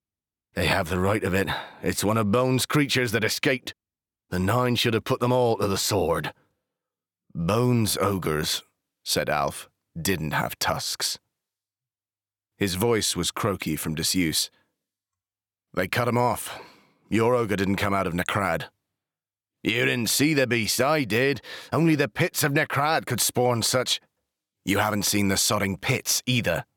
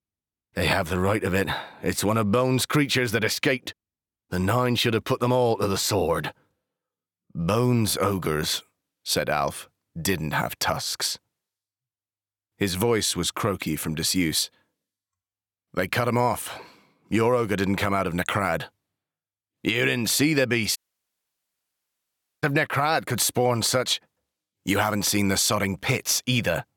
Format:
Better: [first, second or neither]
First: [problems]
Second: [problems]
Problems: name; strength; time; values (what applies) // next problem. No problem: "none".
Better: first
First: none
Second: audio cutting out; at 21 s for 1.5 s